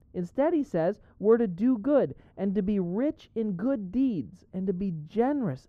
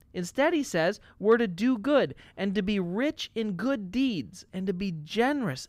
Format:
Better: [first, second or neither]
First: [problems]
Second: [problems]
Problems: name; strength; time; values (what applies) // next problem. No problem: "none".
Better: second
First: muffled; very; fading above 1.5 kHz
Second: none